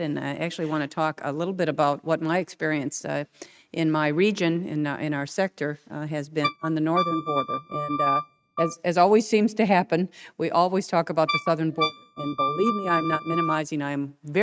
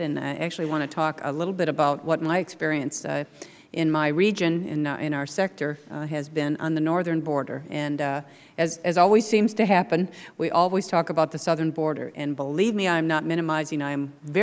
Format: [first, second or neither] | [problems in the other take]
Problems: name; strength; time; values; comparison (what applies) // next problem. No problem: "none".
second | noise reduction (neural mask model RNNoise)